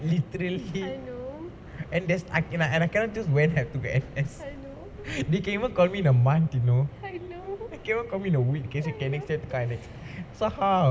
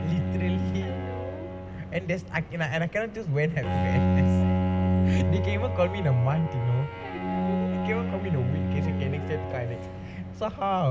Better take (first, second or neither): first